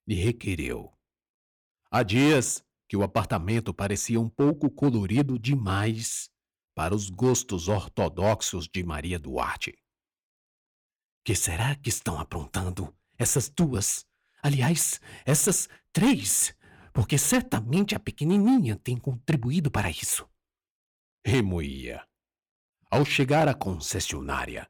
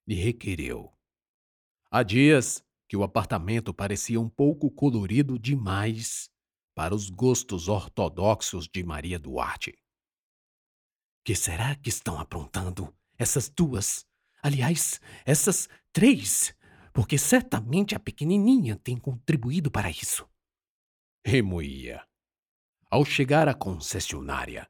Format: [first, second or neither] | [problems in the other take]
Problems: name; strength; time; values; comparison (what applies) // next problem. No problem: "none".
second | distortion; slight; 3% of the sound clipped